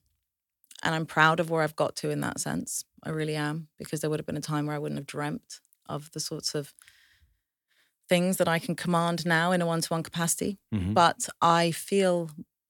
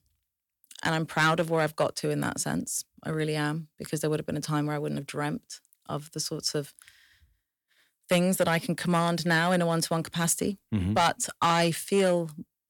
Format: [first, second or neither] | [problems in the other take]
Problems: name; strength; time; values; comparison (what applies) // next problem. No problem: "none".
first | distortion; slight; 1.8% of the sound clipped